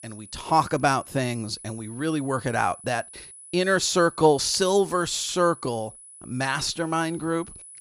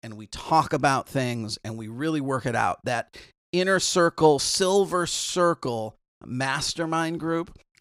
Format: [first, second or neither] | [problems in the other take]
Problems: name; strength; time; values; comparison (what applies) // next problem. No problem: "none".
second | high-pitched whine; noticeable; throughout; 10 kHz, 20 dB below the speech